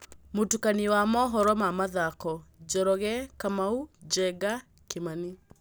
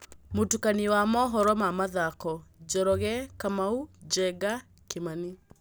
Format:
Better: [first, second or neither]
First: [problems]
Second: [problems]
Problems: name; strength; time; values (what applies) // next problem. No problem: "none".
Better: first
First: none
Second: background sound (Bowed string instrument); 17 dB below the speech